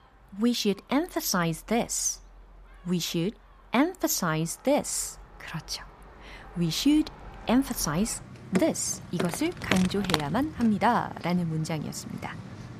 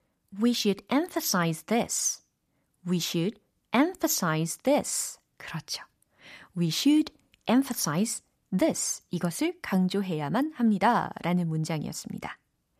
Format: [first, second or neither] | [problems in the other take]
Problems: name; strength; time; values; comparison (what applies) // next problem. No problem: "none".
second | animal sounds; loud; throughout; 9 dB below the speech